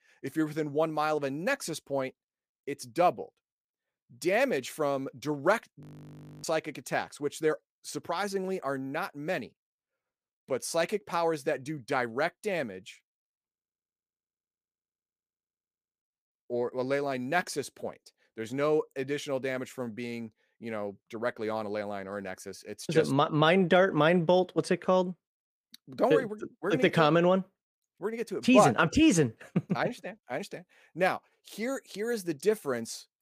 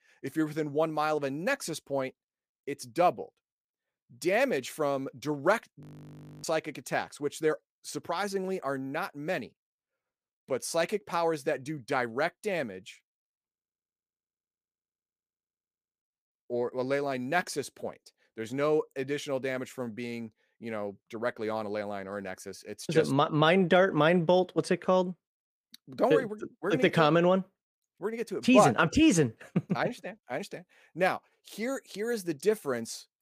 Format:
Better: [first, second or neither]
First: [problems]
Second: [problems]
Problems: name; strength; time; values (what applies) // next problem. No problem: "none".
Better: neither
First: audio freezing; at 6 s for 0.5 s and at 14 s for 2.5 s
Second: audio freezing; at 6 s for 0.5 s and at 14 s for 2.5 s